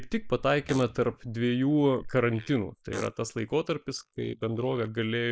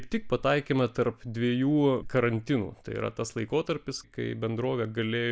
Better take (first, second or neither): second